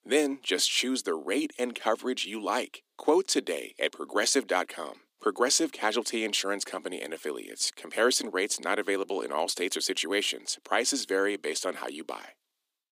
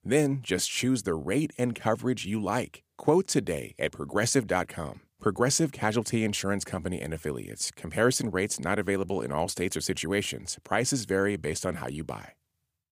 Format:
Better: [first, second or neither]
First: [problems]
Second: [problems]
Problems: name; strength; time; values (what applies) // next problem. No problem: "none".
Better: second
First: thin; very slightly; fading below 250 Hz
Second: none